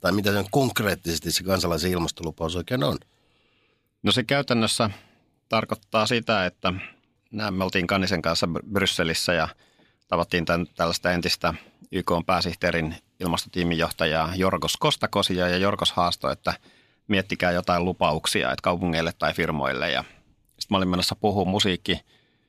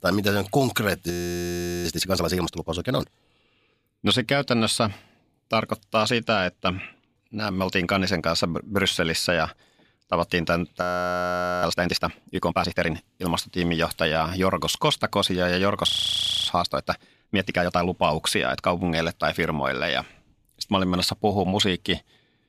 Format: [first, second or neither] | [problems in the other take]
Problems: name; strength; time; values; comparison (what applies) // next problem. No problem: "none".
first | audio freezing; at 1 s for 1 s, at 11 s for 1 s and at 16 s for 0.5 s